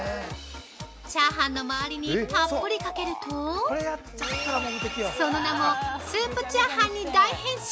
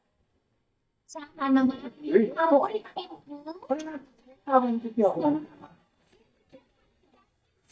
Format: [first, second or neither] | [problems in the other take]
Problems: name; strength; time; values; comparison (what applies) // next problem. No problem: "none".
first | noise reduction (neural mask model DeepFilterNet 3)